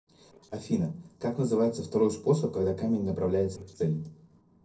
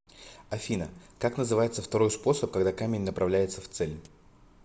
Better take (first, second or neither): second